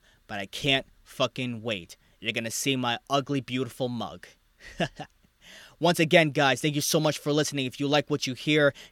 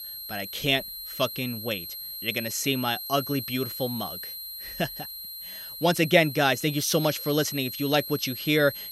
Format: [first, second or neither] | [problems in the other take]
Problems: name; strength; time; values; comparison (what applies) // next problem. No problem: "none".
first | high-pitched whine; loud; throughout; 11.5 kHz, 8 dB below the speech